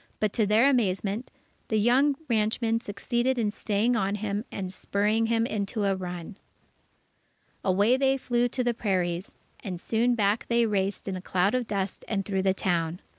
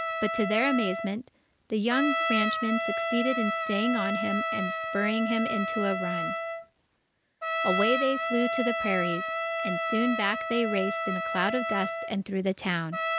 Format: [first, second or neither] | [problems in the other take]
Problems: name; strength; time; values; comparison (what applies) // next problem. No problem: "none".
first | background sound (Trumpet); 1 dB below the speech